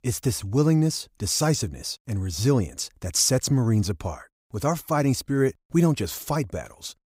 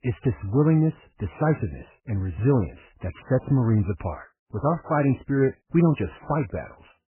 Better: first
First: none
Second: garbled, watery; badly; nothing above 3 kHz

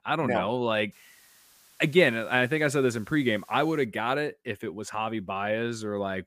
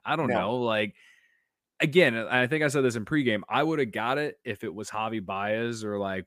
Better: second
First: hiss; faint; from 1 to 4 s; 30 dB below the speech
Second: none

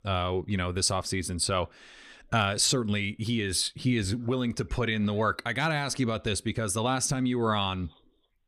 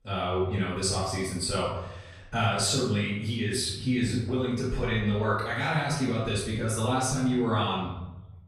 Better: first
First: none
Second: off-mic speech; far // room echo; noticeable; dies away in 0.8 s

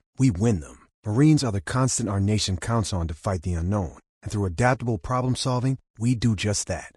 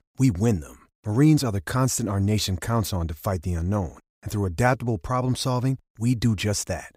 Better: second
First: garbled, watery; slightly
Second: none

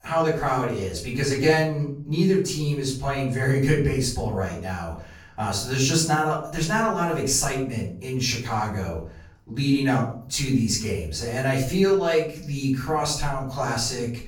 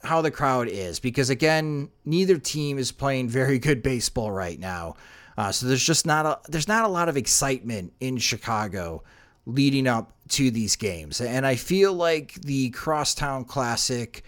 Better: second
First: off-mic speech; far // room echo; slight; dies away in 0.5 s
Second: none

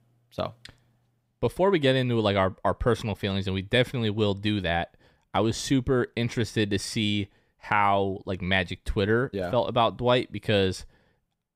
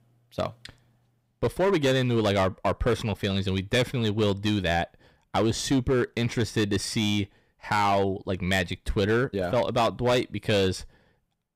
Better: first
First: none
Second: distortion; slight; 7% of the sound clipped

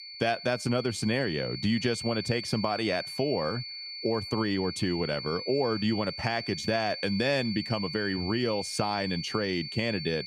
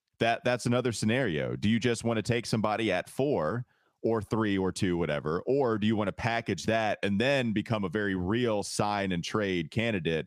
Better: second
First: high-pitched whine; loud; throughout; 4.5 kHz, 7 dB below the speech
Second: none

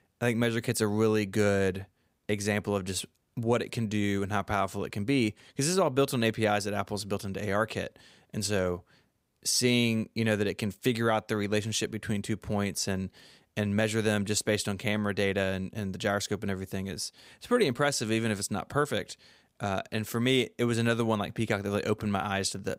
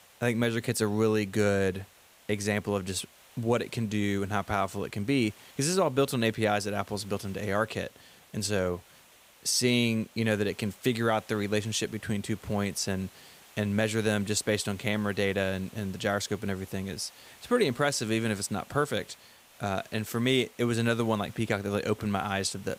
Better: first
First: none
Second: hiss; faint; throughout; 25 dB below the speech

